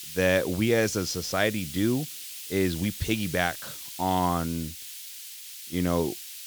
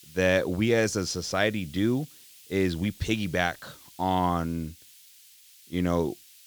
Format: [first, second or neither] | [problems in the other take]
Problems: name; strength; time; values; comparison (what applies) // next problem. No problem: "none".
second | hiss; loud; throughout; 10 dB below the speech; faint in the second